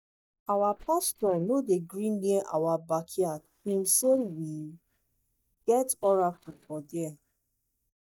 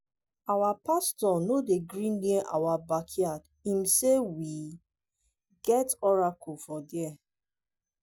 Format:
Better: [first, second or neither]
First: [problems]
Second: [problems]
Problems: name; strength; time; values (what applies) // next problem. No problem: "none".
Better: second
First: noise reduction (neural mask model DeepFilterNet 3)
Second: none